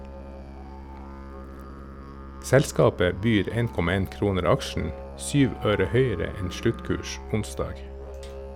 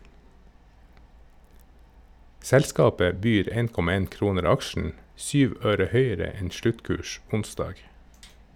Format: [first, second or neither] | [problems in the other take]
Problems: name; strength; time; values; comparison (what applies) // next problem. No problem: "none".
second | background sound (Musical instrument); 12 dB below the speech